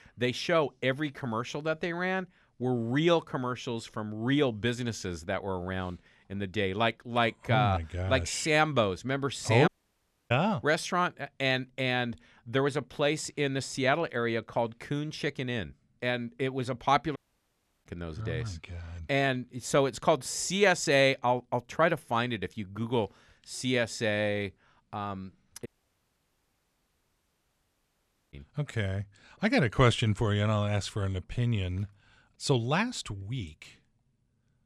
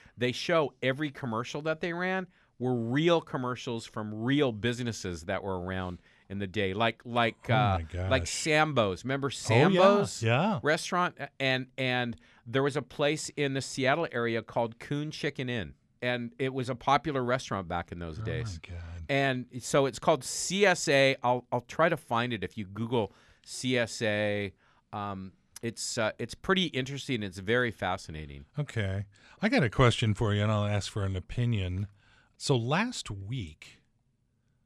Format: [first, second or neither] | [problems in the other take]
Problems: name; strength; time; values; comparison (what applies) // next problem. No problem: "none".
second | audio cutting out; at 9.5 s for 0.5 s, at 17 s for 0.5 s and at 26 s for 2.5 s